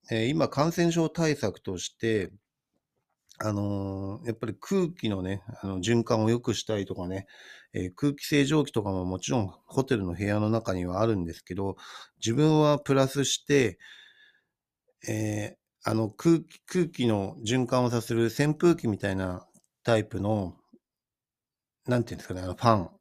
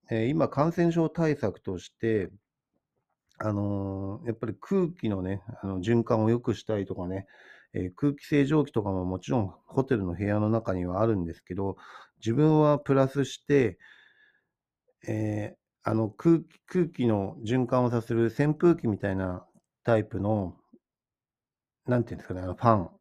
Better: first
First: none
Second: muffled; slightly; fading above 2.5 kHz

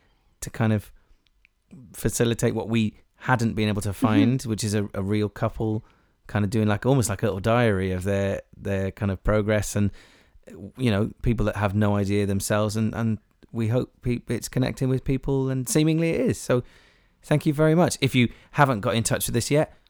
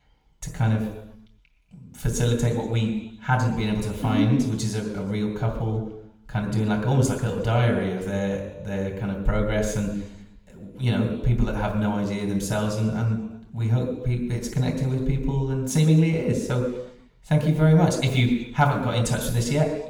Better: first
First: none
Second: room echo; noticeable; dies away in 0.9 s // off-mic speech; somewhat distant

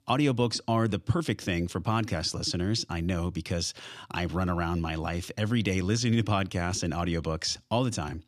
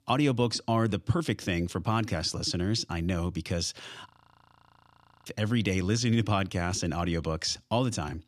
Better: first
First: none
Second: audio freezing; at 4 s for 1 s

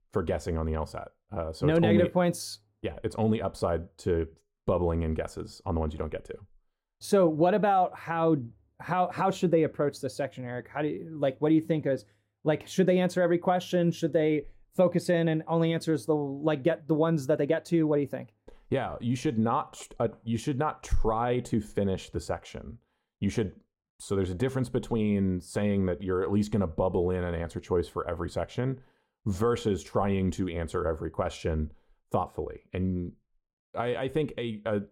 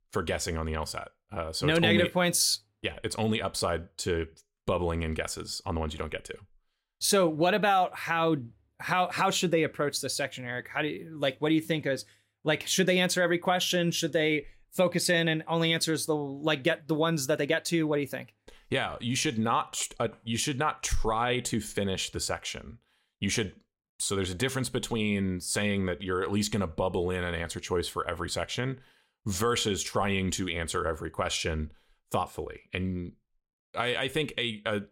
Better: second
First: muffled; slightly; fading above 1.5 kHz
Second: none

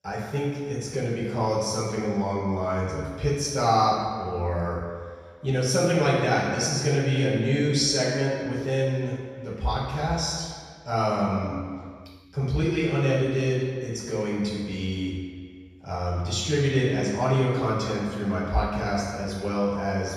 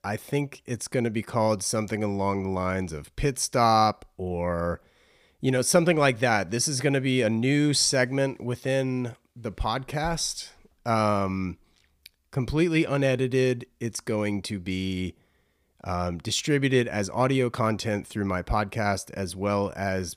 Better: second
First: room echo; strong; dies away in 1.7 s // off-mic speech; far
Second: none

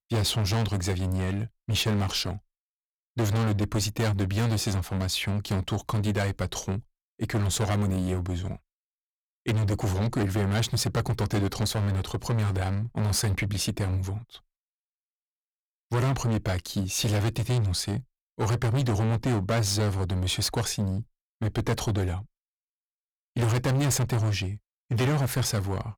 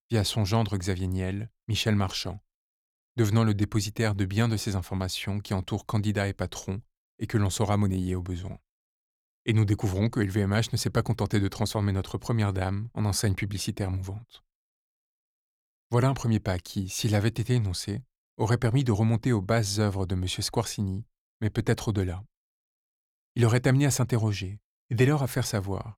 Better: second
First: distortion; heavy; 17% of the sound clipped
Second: none

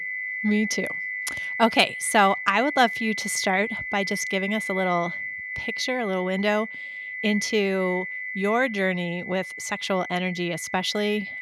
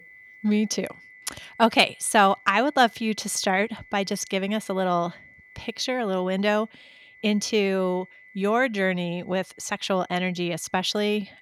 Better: second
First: high-pitched whine; loud; throughout; 2 kHz, 6 dB below the speech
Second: high-pitched whine; faint; throughout; 2 kHz, 25 dB below the speech

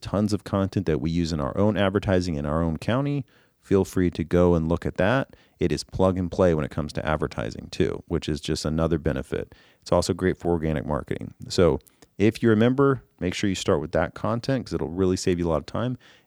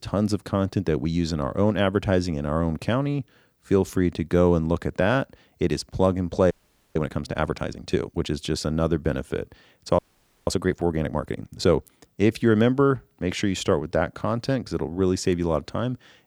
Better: first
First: none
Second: audio freezing; at 6.5 s and at 10 s

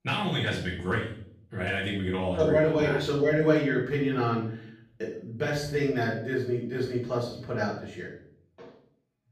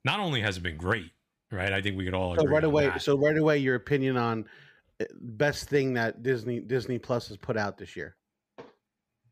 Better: second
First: room echo; noticeable; dies away in 0.5 s // off-mic speech; far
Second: none

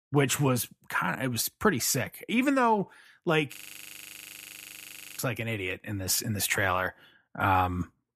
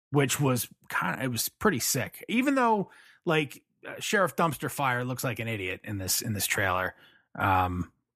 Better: second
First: audio freezing; at 3.5 s for 1.5 s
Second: none

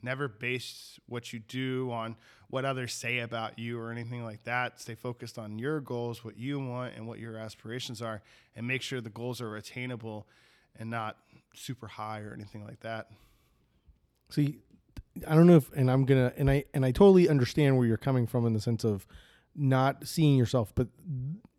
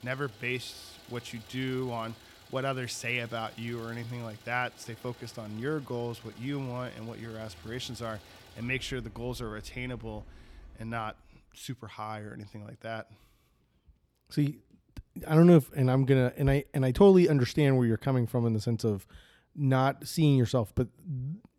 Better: first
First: none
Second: traffic noise; faint; until 11 s; 25 dB below the speech

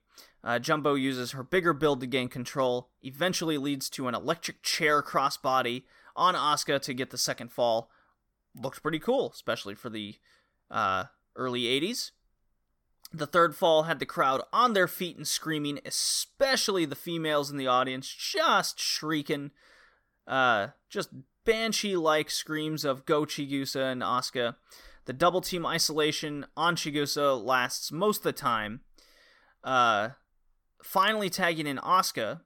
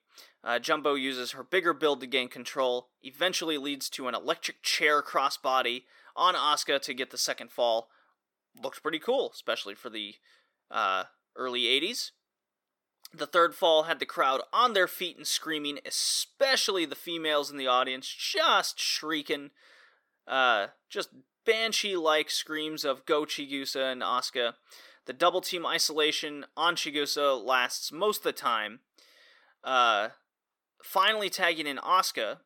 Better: first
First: none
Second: thin; very slightly; fading below 400 Hz

